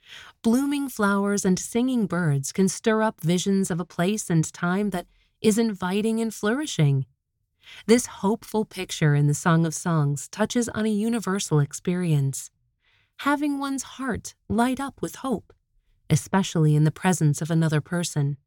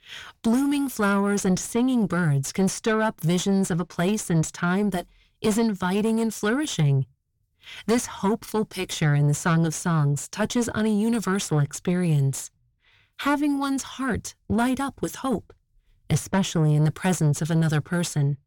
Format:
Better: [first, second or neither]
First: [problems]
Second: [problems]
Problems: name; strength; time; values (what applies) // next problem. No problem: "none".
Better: first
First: none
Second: distortion; slight; 10 dB below the speech